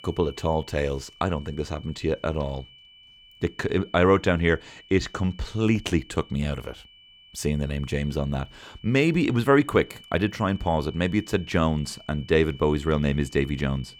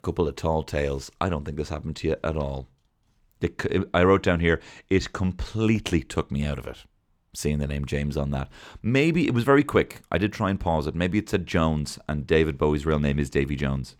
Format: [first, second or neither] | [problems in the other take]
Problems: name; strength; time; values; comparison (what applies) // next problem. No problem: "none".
second | high-pitched whine; faint; throughout; 3 kHz, 25 dB below the speech